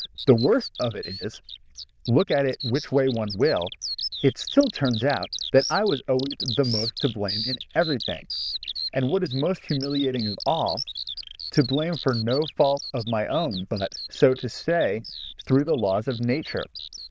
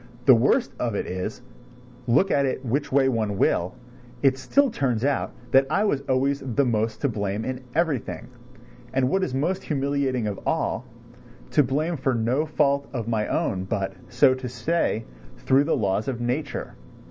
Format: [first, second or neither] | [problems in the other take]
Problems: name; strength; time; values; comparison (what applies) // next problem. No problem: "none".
second | noise reduction (neural diffusion model UNIVERSE++)